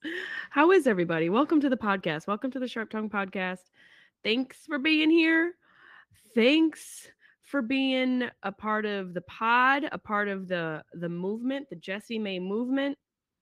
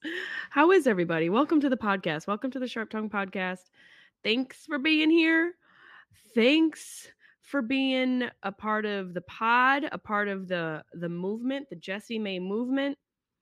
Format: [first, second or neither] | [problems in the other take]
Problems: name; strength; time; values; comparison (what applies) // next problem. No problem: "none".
second | garbled, watery; slightly